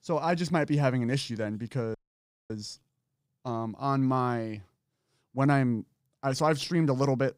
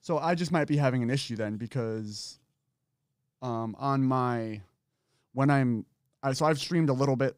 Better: second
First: audio freezing; at 2 s for 0.5 s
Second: none

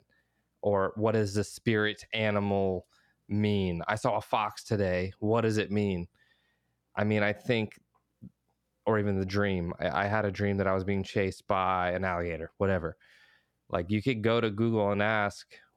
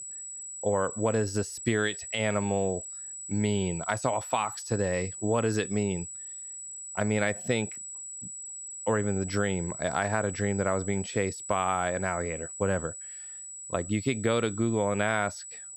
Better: first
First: none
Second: high-pitched whine; loud; throughout; 8 kHz, 8 dB below the speech

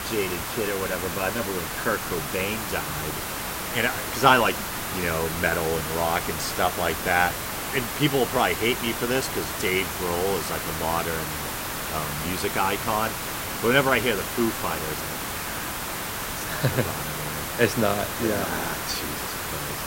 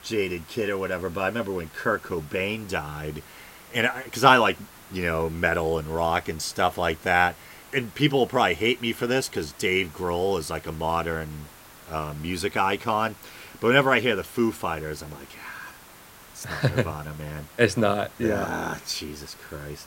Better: second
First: hiss; loud; throughout; 3 dB below the speech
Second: hiss; faint; throughout; 20 dB below the speech

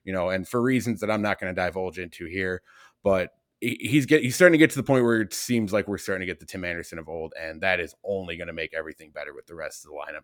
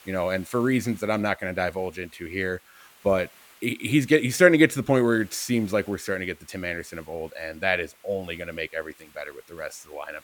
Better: first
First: none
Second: hiss; faint; throughout; 25 dB below the speech

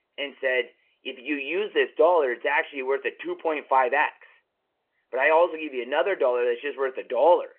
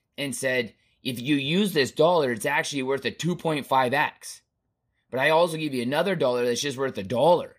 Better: second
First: phone-call audio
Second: none

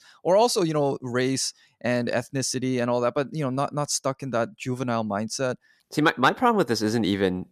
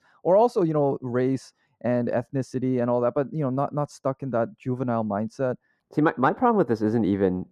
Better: first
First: none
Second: muffled; very; fading above 2 kHz

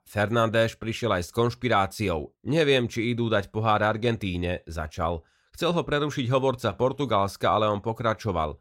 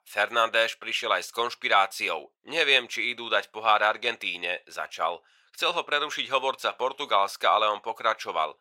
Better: first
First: none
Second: thin; very; fading below 800 Hz

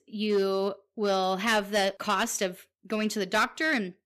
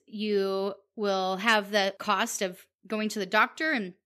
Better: second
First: distortion; slight; 5% of the sound clipped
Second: none

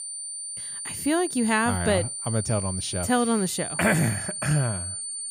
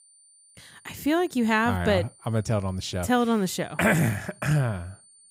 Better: second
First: high-pitched whine; loud; throughout; 9 kHz, 5 dB below the speech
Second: high-pitched whine; faint; throughout; 9 kHz, 25 dB below the speech

